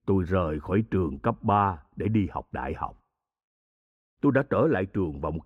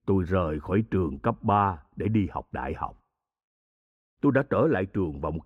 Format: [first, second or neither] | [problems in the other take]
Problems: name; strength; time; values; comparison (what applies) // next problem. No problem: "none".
neither | muffled; slightly; fading above 2.5 kHz; the same in both